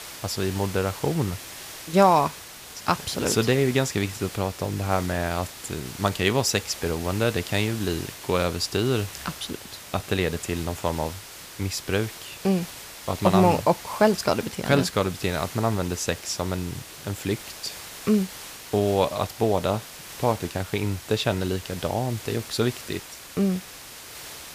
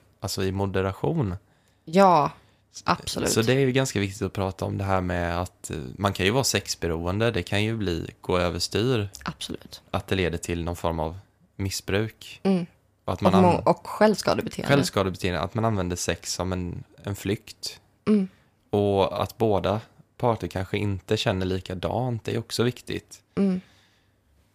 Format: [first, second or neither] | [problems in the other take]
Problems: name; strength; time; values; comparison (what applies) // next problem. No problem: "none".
second | hiss; noticeable; throughout; 10 dB below the speech